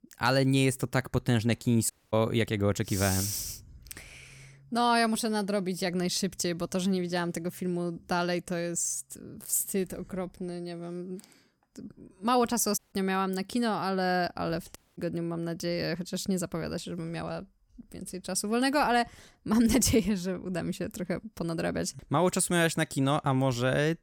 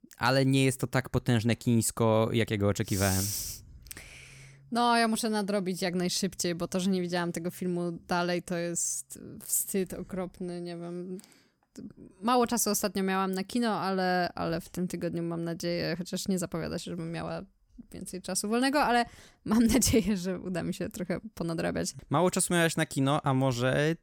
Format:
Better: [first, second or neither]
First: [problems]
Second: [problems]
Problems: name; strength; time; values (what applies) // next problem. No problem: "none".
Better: second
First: audio cutting out; at 2 s, at 13 s and at 15 s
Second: none